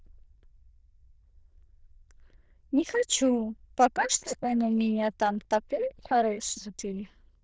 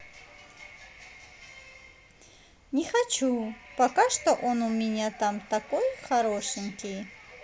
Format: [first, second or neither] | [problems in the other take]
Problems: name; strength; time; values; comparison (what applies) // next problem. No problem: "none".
second | noise reduction (neural diffusion model UNIVERSE++)